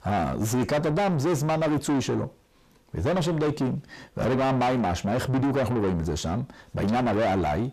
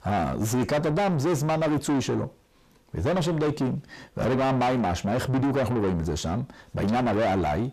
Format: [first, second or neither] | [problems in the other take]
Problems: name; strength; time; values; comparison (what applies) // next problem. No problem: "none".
neither | distortion; heavy; 5 dB below the speech; the same in both